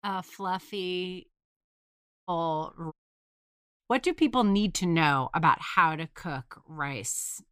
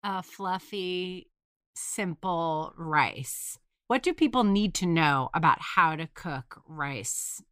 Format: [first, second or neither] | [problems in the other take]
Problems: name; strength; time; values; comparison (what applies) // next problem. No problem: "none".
second | audio cutting out; at 1.5 s for 0.5 s and at 3 s for 1 s